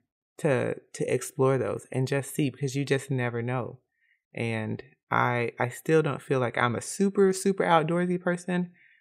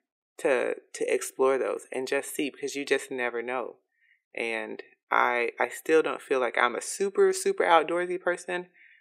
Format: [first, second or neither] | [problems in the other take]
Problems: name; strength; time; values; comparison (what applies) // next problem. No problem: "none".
first | thin; somewhat; fading below 300 Hz